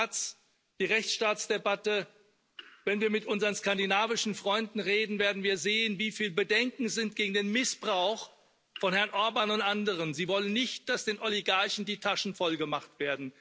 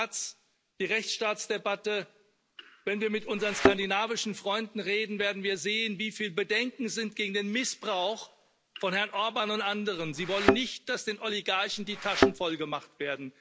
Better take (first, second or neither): first